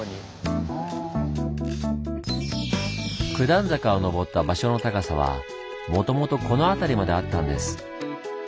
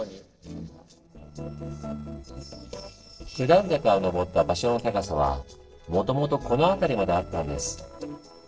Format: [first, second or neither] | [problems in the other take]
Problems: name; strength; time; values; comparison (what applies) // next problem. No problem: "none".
first | noise reduction (neural separator model SepFormer DNS4)